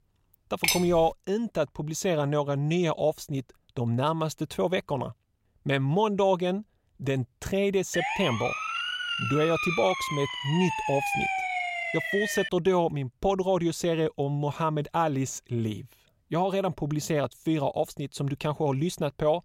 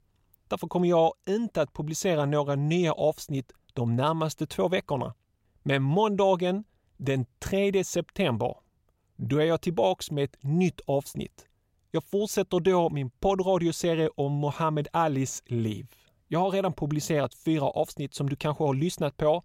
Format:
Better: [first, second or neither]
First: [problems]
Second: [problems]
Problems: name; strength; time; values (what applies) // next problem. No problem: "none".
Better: second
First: clattering dishes; loud; at 0.5 s; peak 2 dB above the speech // siren; loud; from 8 to 12 s; peak 1 dB above the speech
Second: none